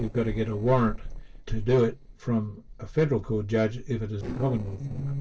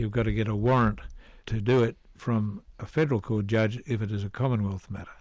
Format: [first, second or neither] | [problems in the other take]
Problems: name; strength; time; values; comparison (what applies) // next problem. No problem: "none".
second | noise reduction (neural separator model SepFormer DNS4)